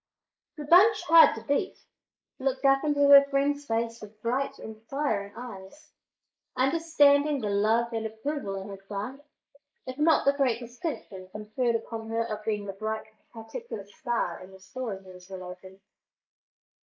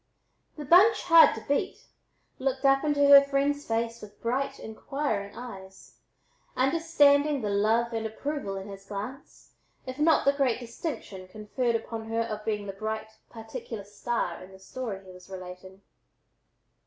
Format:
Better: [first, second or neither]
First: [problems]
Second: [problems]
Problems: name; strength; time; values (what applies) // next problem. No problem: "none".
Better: second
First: noise reduction (neural mask model Resemble Enhance denoiser)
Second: none